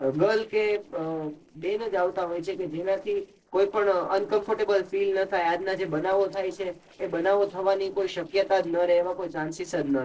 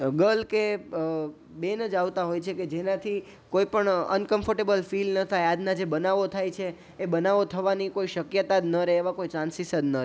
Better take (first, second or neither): second